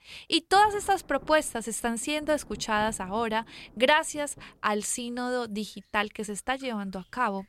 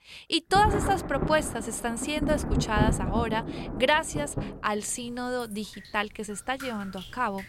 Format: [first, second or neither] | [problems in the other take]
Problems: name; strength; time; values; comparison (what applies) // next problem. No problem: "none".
first | rain or running water; loud; throughout; 4 dB below the speech; faint in the first